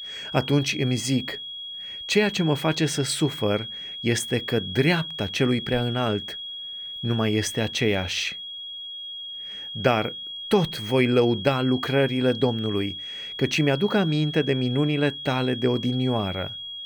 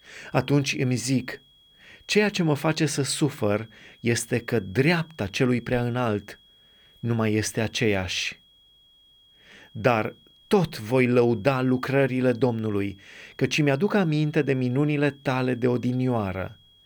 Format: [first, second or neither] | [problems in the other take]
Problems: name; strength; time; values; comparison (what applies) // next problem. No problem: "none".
second | high-pitched whine; loud; throughout; 3.5 kHz, 8 dB below the speech; faint in the second